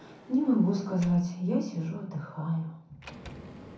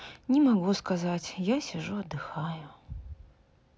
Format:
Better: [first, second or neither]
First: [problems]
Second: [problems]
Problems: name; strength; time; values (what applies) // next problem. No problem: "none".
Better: second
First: background sound (Sliding door); 20 dB below the speech // room echo; dies away in 0.6 s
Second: none